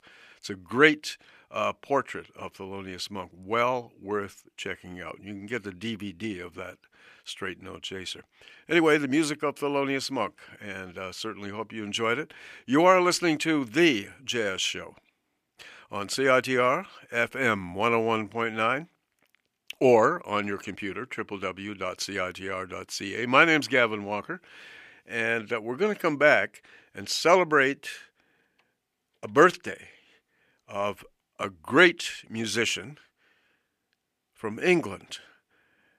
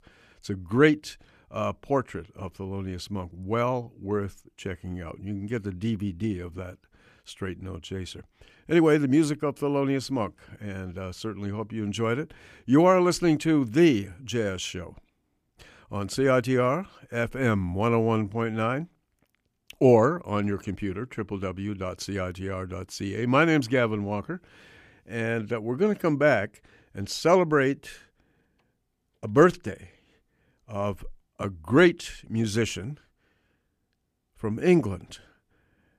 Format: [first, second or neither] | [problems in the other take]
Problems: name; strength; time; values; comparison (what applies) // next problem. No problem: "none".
second | thin; somewhat; fading below 1 kHz